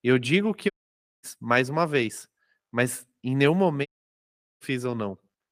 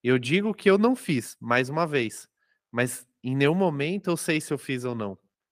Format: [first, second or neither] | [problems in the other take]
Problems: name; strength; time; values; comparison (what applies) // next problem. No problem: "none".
second | audio cutting out; at 0.5 s for 0.5 s and at 4 s for 0.5 s